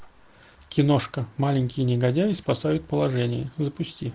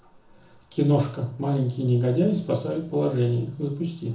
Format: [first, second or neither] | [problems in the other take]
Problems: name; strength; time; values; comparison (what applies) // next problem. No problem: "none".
first | room echo; dies away in 0.6 s